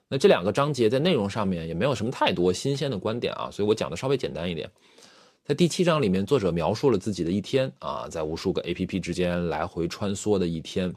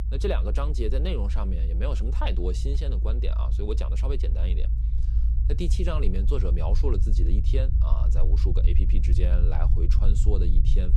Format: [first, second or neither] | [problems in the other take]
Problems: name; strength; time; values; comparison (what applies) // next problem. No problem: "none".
first | low rumble; loud; throughout; 8 dB below the speech